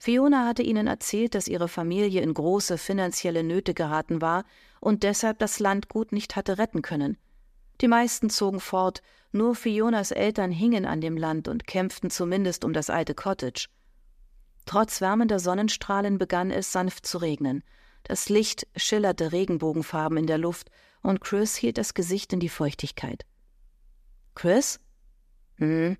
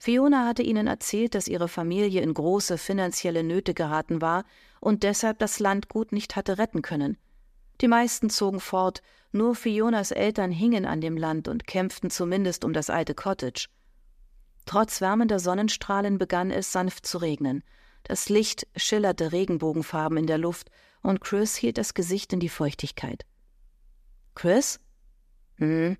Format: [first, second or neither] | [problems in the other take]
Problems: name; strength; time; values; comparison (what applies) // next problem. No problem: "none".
neither | none